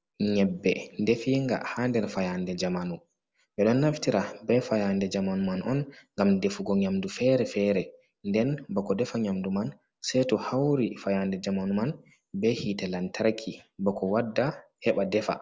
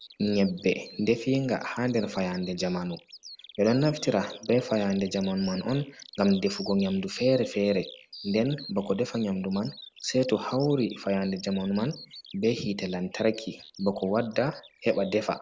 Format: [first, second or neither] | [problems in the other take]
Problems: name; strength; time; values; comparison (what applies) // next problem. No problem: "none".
first | background sound (Bird vocalization, bird call, bird song); 19 dB below the speech